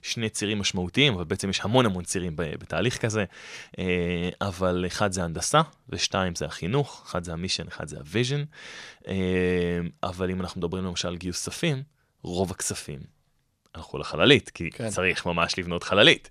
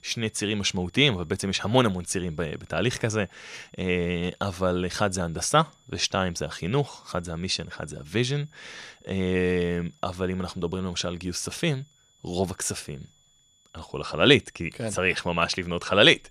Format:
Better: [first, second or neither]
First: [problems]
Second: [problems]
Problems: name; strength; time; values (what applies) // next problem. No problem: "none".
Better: first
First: none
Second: high-pitched whine; faint; throughout; 3.5 kHz, 35 dB below the speech